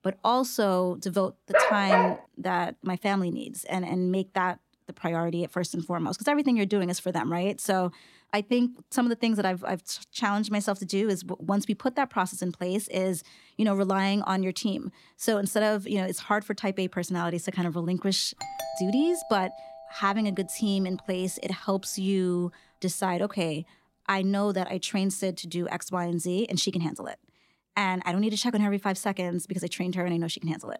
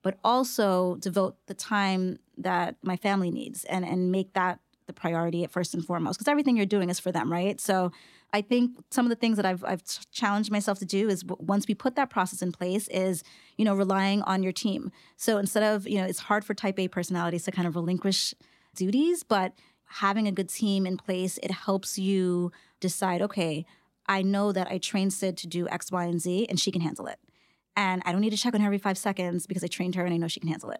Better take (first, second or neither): second